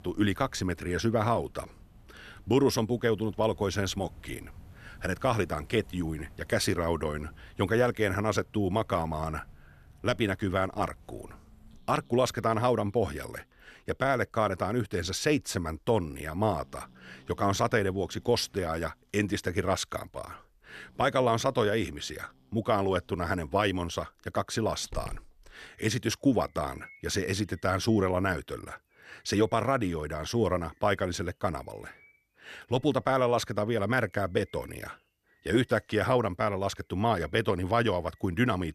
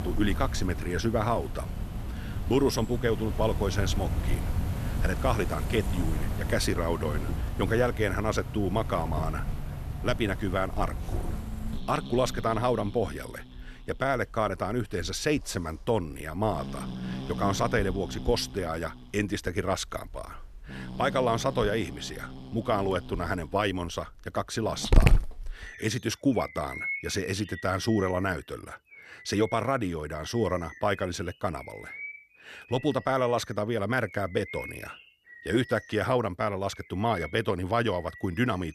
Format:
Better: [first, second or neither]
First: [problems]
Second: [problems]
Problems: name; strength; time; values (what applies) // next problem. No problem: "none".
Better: first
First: animal sounds; faint; throughout; 25 dB below the speech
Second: animal sounds; loud; throughout; 6 dB below the speech